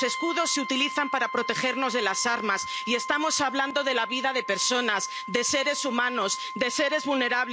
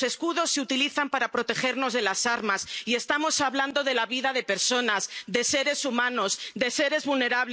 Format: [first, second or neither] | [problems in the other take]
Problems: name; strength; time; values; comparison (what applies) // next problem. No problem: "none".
second | background sound (Brass instrument); 9 dB below the speech